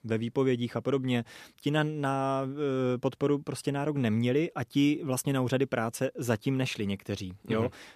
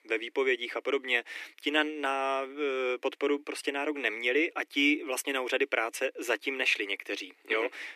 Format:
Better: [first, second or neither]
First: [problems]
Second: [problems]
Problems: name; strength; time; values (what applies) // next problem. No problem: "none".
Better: first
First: none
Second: thin; somewhat; fading below 300 Hz